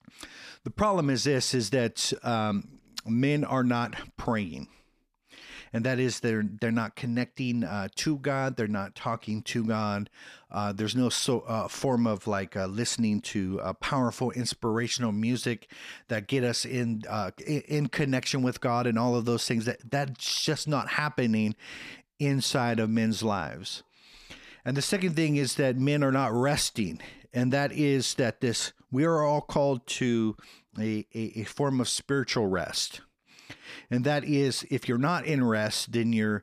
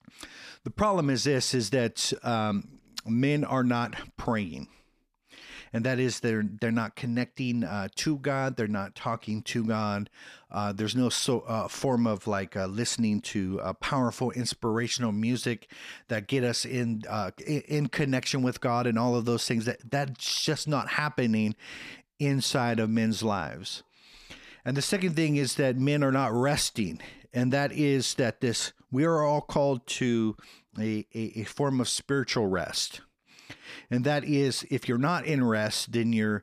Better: neither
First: none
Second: none

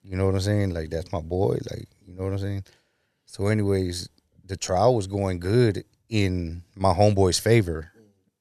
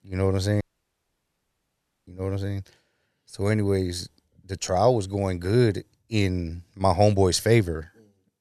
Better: first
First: none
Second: audio cutting out; at 0.5 s for 1.5 s

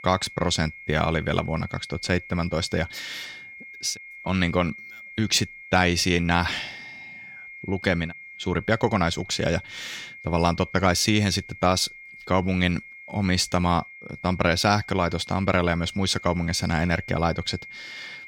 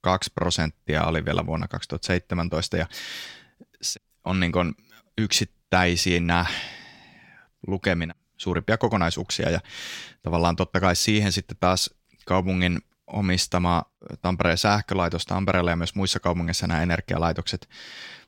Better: second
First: high-pitched whine; noticeable; throughout; 2 kHz, 15 dB below the speech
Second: none

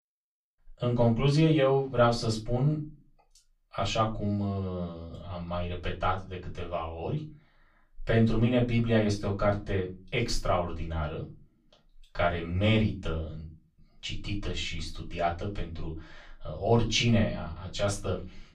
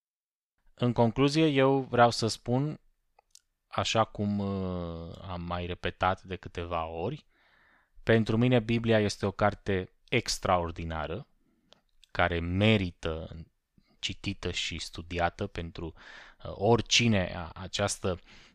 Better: second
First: off-mic speech; far // room echo; very slight; dies away in 0.3 s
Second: none

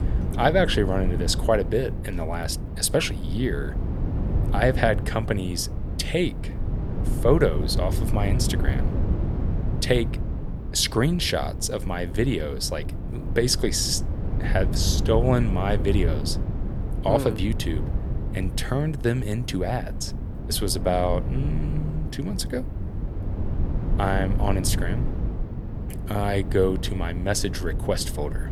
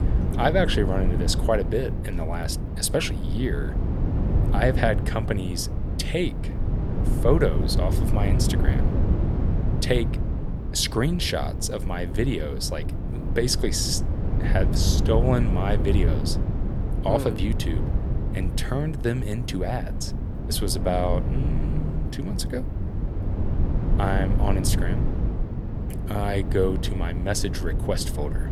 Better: first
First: wind noise on the microphone; occasional gusts; 10 dB below the speech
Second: wind noise on the microphone; heavy; 9 dB below the speech

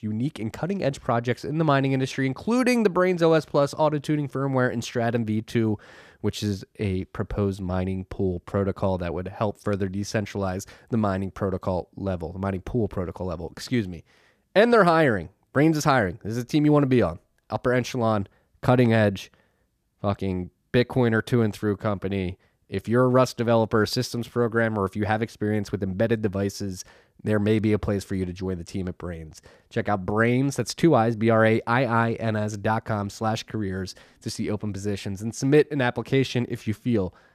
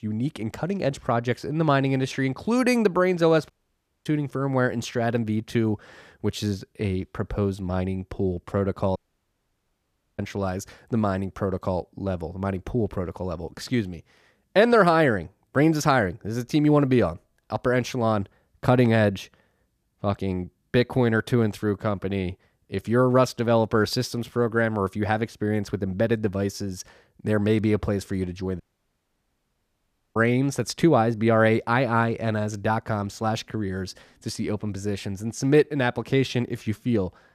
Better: first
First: none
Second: audio cutting out; at 3.5 s for 0.5 s, at 9 s for 1 s and at 29 s for 1.5 s

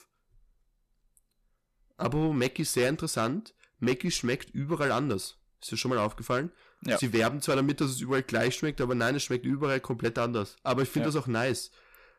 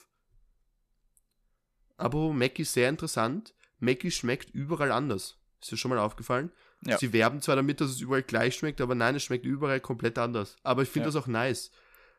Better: second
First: distortion; slight; 4% of the sound clipped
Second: none

